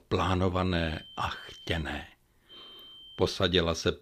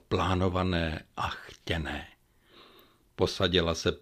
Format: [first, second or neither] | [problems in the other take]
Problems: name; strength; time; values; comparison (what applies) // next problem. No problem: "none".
second | high-pitched whine; noticeable; from 0.5 to 2 s and at 2.5 s; 3 kHz, 20 dB below the speech